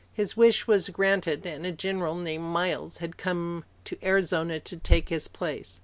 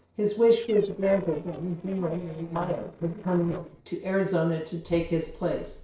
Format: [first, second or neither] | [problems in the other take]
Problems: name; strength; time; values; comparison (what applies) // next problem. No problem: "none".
first | noise reduction (neural separator model SepFormer DNS4)